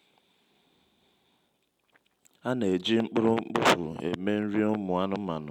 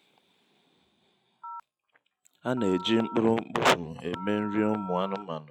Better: first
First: none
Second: noise reduction (classical method log-MMSE)

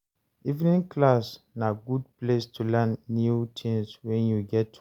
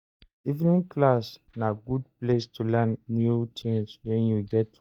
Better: first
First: none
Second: noise reduction (neural mask model DeepFilterNet 3)

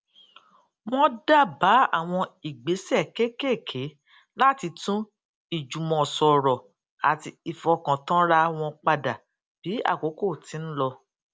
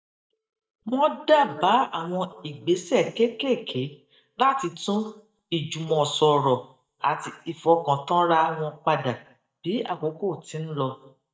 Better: first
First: none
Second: noise reduction (neural mask model DeepFilterNet 3)

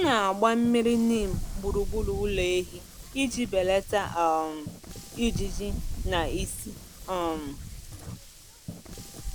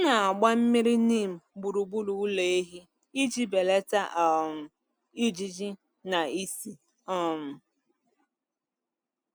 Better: second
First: background sound (Wind); 7 dB below the speech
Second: none

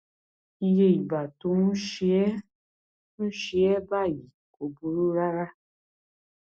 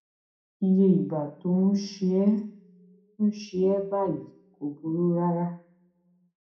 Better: first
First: none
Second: room echo; dies away in 0.5 s

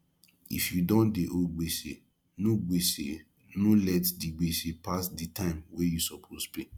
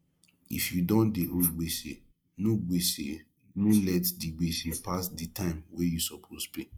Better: first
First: none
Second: noise reduction (neural mask model Resemble Enhance denoiser)

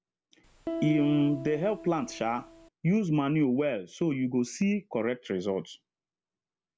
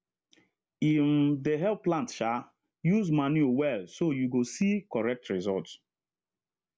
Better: second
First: background sound (Piano); 10 dB below the speech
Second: none

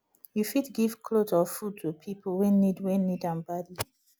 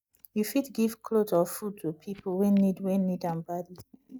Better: first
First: none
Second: noise reduction (neural mask model DeepFilterNet 3)

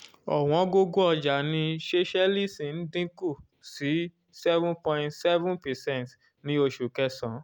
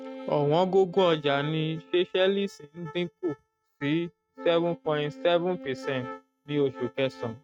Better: first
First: none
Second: noise reduction (neural mask model RNNoise)

